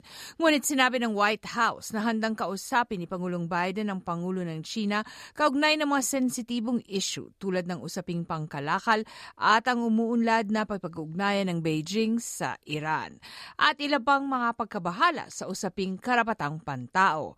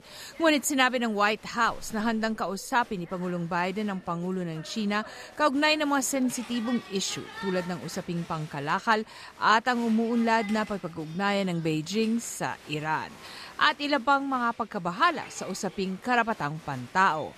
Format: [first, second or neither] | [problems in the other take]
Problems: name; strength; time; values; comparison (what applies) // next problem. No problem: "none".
first | crowd noise; noticeable; throughout; 20 dB below the speech